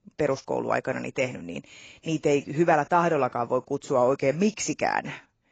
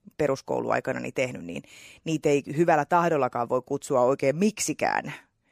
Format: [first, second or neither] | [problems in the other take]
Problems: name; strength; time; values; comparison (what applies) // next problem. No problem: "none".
second | garbled, watery; badly; nothing above 7.5 kHz